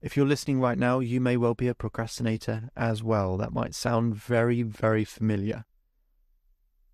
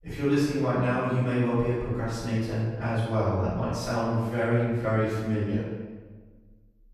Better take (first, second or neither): first